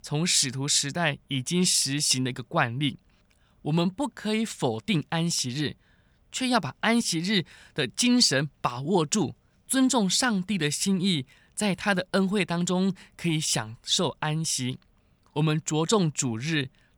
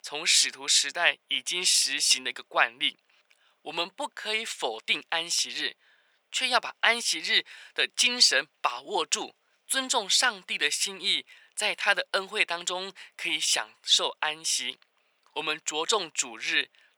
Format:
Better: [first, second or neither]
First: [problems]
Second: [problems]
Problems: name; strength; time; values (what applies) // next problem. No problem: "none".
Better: first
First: none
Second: thin; very; fading below 500 Hz